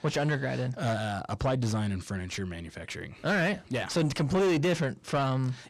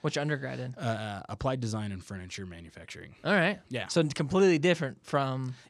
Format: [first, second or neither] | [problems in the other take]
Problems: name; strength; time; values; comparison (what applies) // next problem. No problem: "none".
second | distortion; heavy; 7 dB below the speech